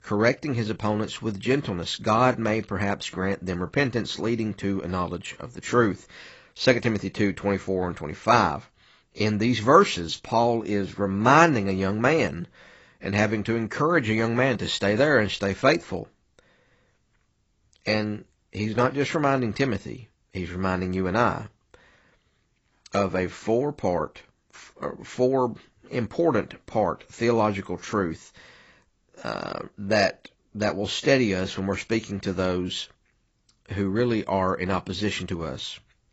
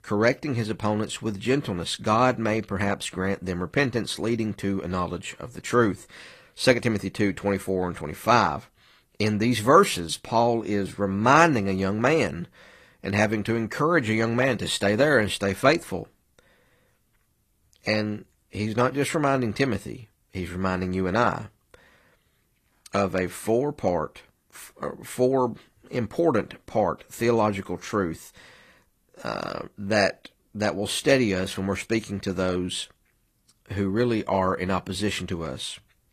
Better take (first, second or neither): second